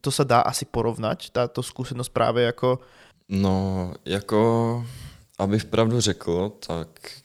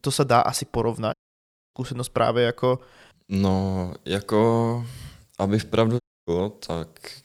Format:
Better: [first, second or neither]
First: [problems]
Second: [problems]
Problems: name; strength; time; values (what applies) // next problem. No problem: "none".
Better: first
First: none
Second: audio cutting out; at 1 s for 0.5 s and at 6 s